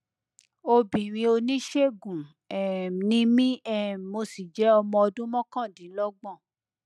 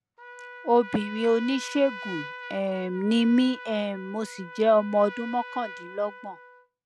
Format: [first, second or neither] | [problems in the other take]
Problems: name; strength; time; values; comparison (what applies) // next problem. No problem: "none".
first | background sound (Trumpet); 15 dB below the speech